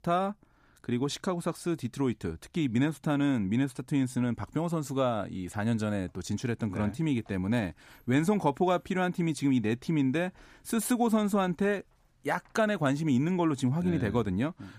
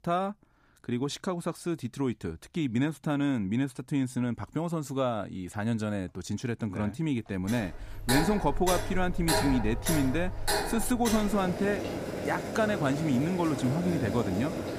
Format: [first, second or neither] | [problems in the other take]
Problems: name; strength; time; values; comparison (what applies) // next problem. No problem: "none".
first | household noises; loud; from 7.5 s on; 3 dB below the speech